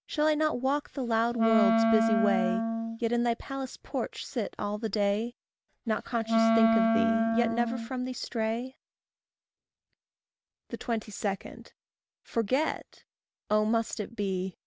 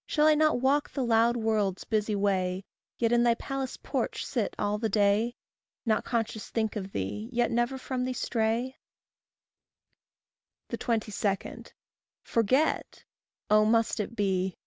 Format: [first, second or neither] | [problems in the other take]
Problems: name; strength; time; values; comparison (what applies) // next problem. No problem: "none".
second | background sound (Wind instrument, woodwind instrument); 4 dB above the speech